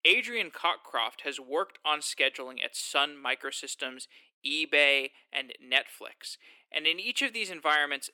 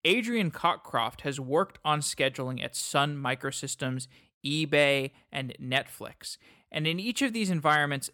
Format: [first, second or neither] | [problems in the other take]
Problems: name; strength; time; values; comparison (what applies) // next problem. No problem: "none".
second | thin; somewhat; fading below 300 Hz